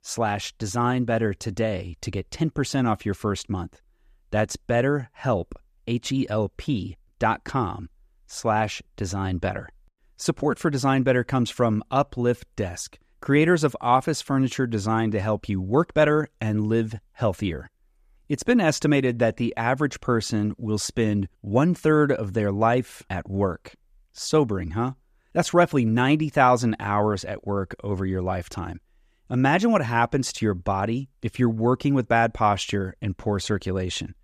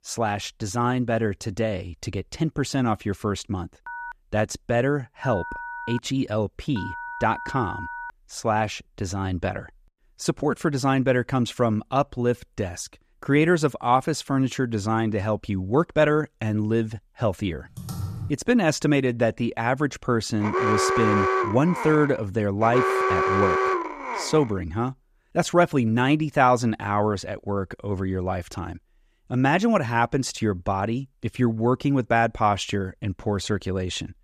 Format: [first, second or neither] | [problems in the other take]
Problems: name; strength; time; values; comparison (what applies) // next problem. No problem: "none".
first | phone ringing; noticeable; from 4 to 8 s; peak 9 dB below the speech // keyboard typing; noticeable; at 18 s; peak 8 dB below the speech // alarm; loud; from 20 to 24 s; peak 3 dB above the speech